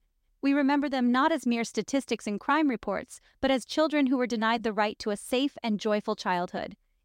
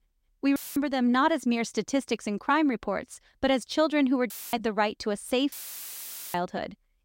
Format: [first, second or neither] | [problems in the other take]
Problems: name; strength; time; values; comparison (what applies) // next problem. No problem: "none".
first | audio cutting out; filled with static; at 0.5 s, at 4.5 s and at 5.5 s for 1 s